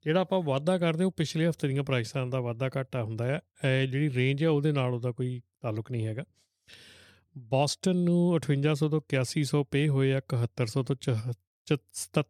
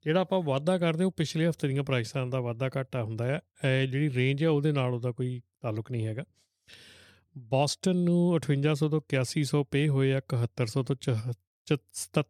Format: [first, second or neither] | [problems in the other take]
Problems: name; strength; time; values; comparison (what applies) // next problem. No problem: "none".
neither | none